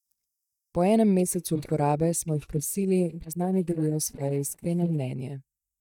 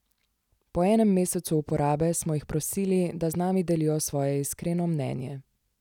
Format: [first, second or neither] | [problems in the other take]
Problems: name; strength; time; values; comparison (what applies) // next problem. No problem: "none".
second | noise reduction (neural mask model DeepFilterNet 3)